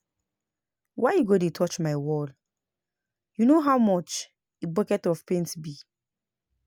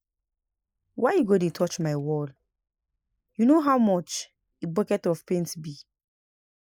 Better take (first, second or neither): first